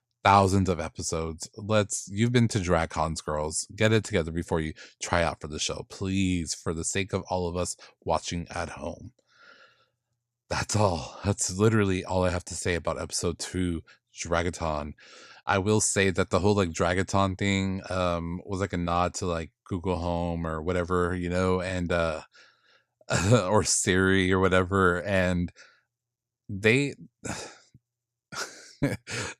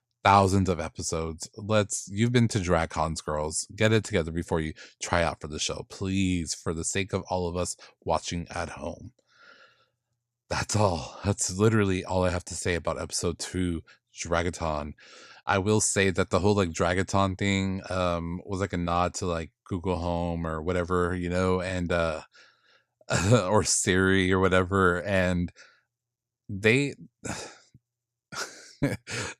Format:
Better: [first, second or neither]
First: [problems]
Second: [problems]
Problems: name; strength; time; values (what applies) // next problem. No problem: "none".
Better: neither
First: none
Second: none